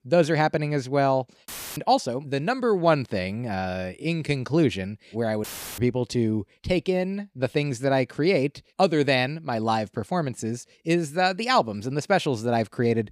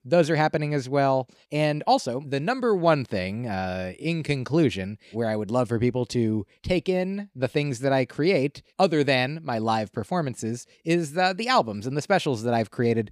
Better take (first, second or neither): second